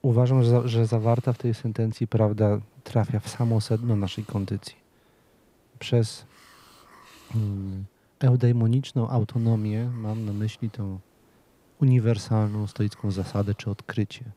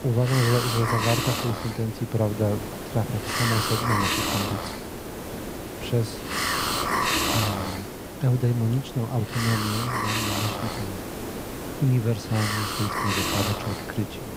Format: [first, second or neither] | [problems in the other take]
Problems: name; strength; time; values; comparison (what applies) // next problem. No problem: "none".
first | hiss; loud; throughout; 1 dB below the speech; faint in the first